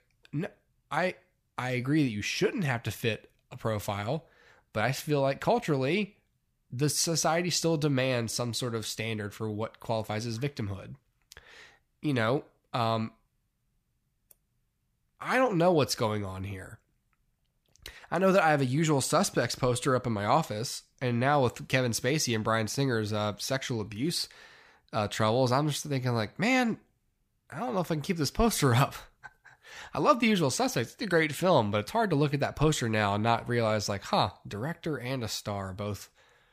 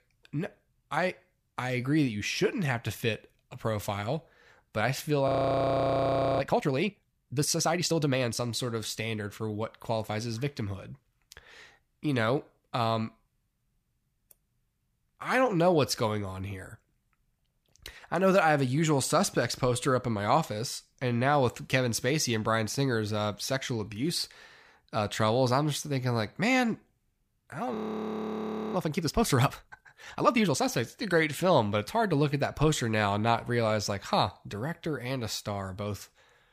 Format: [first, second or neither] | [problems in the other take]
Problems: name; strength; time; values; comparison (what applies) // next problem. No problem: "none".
first | audio freezing; at 5.5 s for 1 s and at 28 s for 1 s